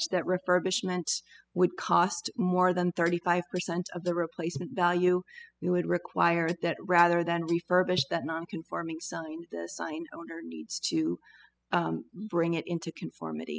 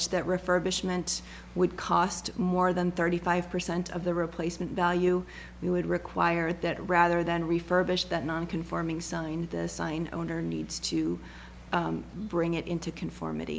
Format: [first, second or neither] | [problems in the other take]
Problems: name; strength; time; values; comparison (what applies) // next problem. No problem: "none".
second | noise reduction (classical method spectral subtraction)